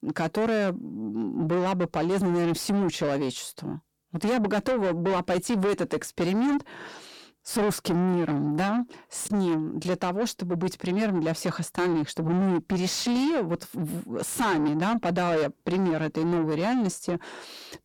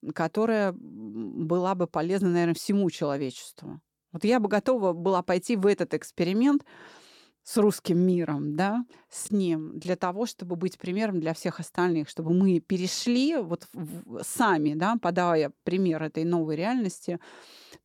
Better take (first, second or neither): second